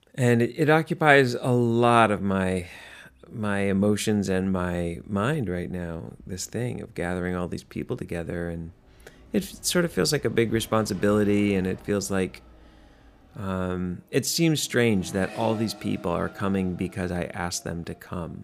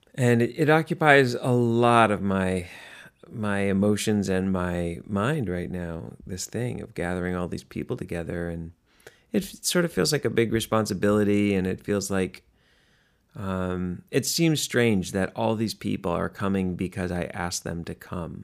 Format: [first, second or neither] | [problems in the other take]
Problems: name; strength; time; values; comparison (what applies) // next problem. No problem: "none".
second | traffic noise; faint; throughout; 25 dB below the speech